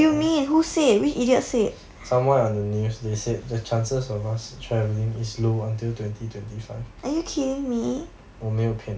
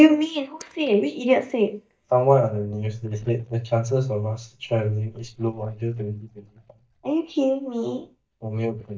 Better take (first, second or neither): first